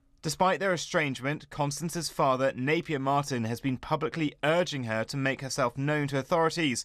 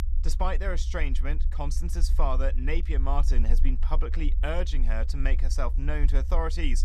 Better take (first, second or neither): first